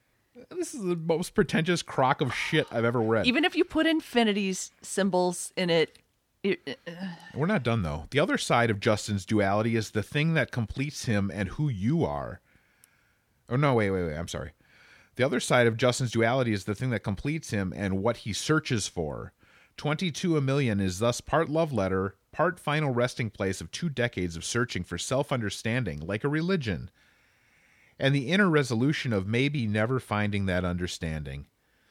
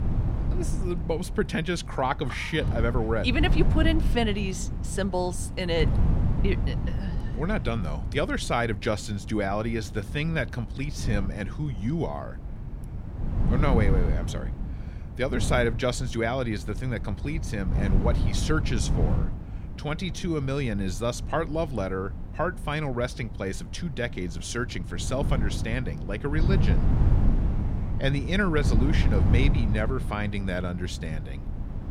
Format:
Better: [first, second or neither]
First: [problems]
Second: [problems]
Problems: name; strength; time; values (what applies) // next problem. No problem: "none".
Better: first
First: none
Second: wind noise on the microphone; occasional gusts; 10 dB below the speech